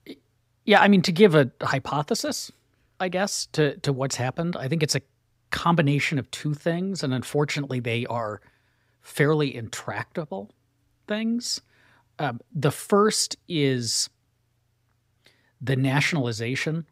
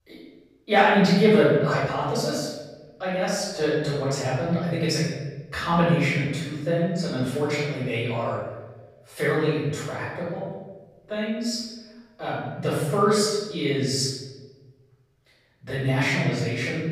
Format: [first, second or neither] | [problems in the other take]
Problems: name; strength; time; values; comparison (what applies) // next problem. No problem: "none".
first | off-mic speech; far // room echo; strong; dies away in 1 s